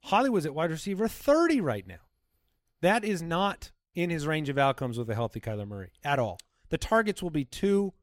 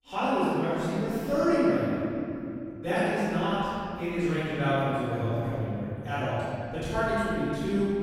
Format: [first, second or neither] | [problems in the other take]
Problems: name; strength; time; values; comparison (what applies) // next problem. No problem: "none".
first | off-mic speech; far // room echo; strong; dies away in 3 s